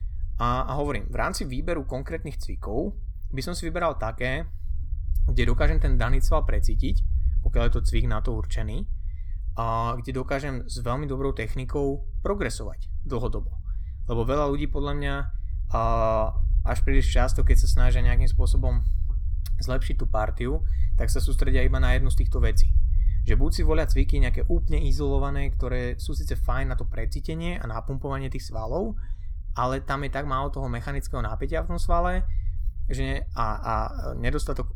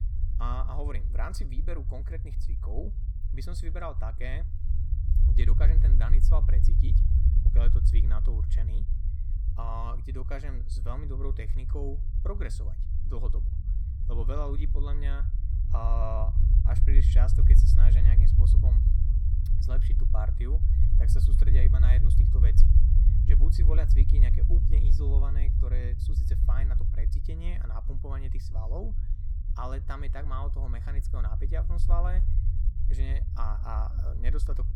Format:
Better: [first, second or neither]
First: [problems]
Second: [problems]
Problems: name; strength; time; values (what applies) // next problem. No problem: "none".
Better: first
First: low rumble; faint; throughout; 20 dB below the speech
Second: low rumble; loud; throughout; 4 dB below the speech